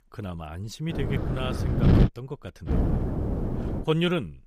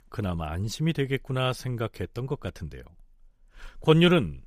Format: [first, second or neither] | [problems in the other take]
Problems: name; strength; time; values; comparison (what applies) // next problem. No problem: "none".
second | wind noise on the microphone; heavy; from 1 to 2 s and from 2.5 to 4 s; 1 dB below the speech